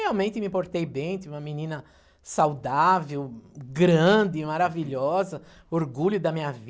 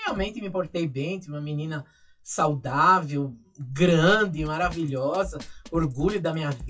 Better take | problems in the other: first | noise reduction (classical method WPE with log-MMSE)

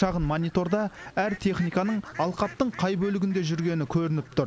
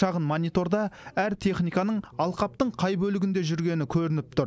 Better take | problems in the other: second | background sound (Fowl); 18 dB below the speech

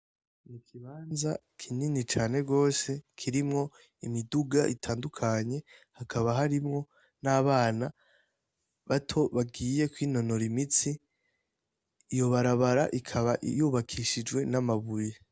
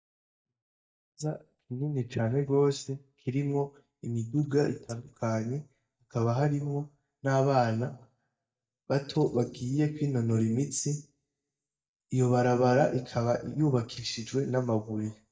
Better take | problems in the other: first | noise reduction (neural mask model DeepFilterNet 3)

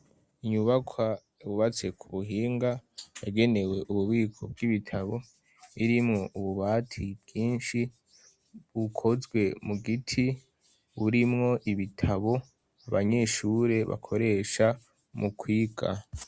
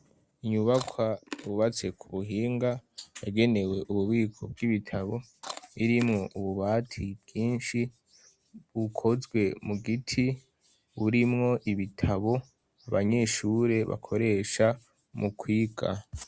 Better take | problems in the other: first | background sound (Chewing, mastication); 16 dB below the speech

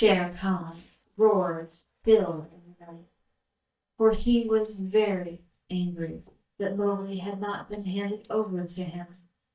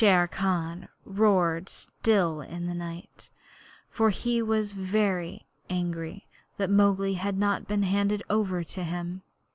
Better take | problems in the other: second | noise reduction (neural mask model DeepFilterNet 3)

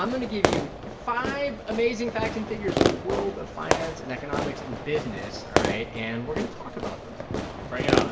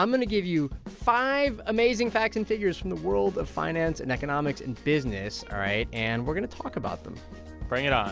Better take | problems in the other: second | background sound (Fireworks); 2 dB above the speech // room echo; dies away in 0.7 s

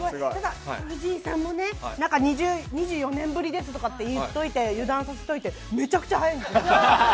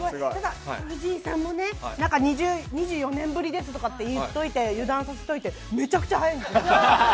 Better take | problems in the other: first | background sound (Thump, thud); 19 dB below the speech

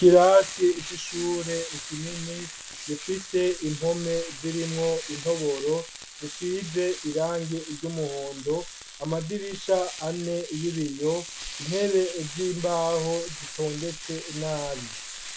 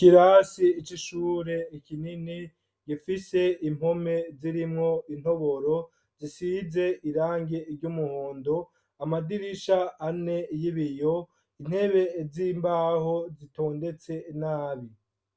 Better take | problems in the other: second | background sound (Frying (food)); 12 dB below the speech

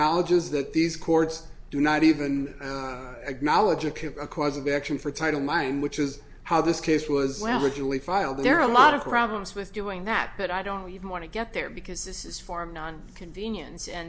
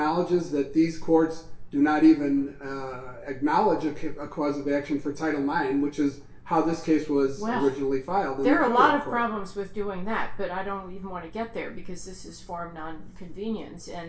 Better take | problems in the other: first | room echo; dies away in 0.3 s

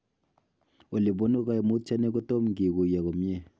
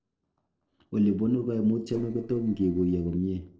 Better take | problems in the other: first | noise reduction (neural separator model SepFormer DNS4)

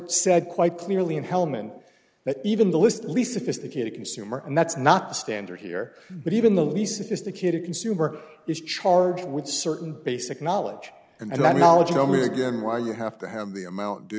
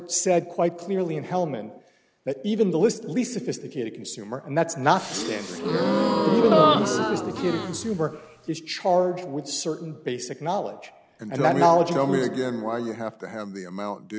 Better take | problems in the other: first | background sound (Gasp); 2 dB above the speech

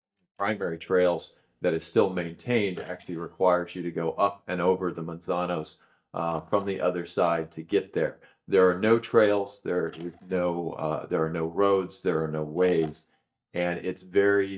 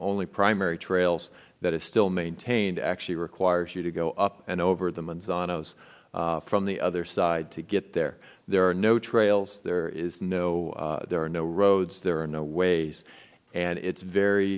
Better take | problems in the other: second | noise reduction (neural mask model DeepFilterNet 3)

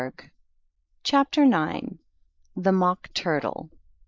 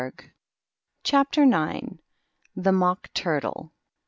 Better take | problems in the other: second | noise reduction (neural mask model Resemble Enhance denoiser)

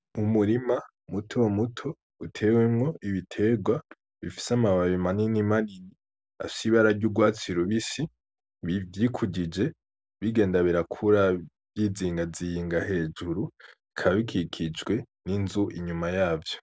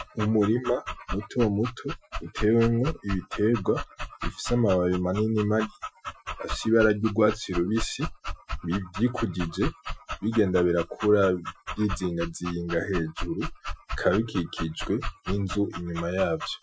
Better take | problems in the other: first | noise reduction (classical method Wiener filter)

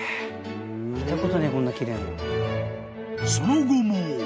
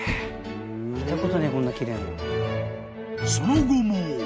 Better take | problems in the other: first | background sound (Door); 12 dB below the speech

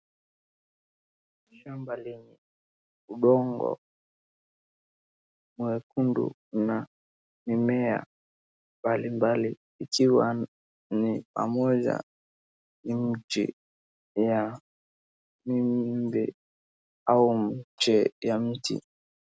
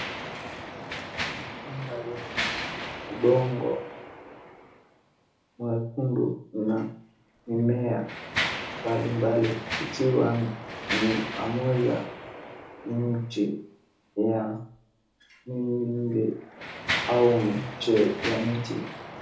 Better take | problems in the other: first | background sound (Mechanisms); 8 dB below the speech // room echo; dies away in 1 s

